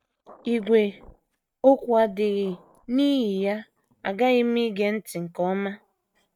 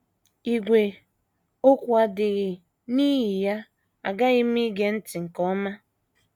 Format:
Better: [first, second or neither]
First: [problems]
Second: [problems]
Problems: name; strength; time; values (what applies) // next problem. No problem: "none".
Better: second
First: noise reduction (neural mask model RNNoise)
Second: none